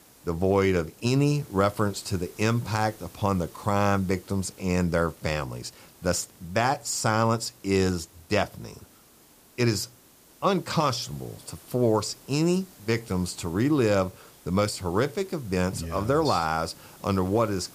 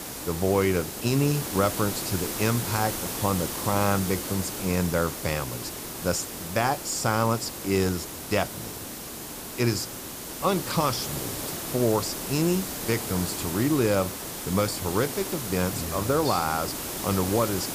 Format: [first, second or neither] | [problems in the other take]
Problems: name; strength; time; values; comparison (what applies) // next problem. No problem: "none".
first | hiss; loud; throughout; 5 dB below the speech; faint in the first